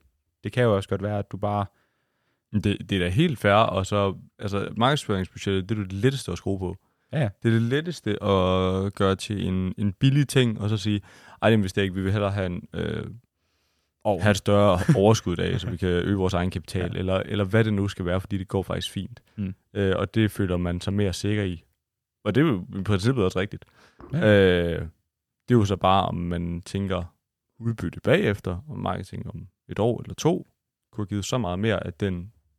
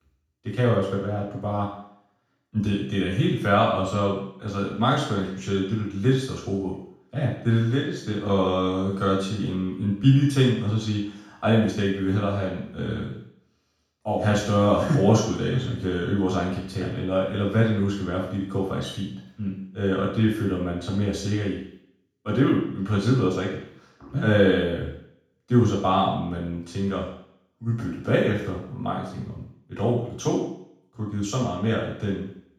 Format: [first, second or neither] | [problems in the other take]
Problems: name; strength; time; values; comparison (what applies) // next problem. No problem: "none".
first | room echo; noticeable; dies away in 0.6 s // off-mic speech; far